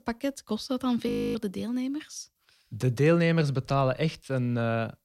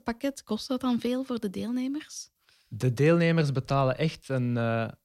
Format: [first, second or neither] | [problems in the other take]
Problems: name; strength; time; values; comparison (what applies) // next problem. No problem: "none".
second | audio freezing; at 1 s